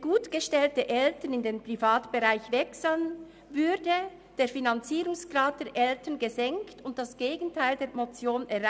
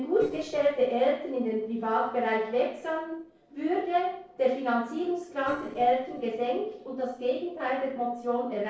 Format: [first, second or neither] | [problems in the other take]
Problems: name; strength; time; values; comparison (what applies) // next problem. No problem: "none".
first | noise reduction (neural separator model SepFormer DNS4)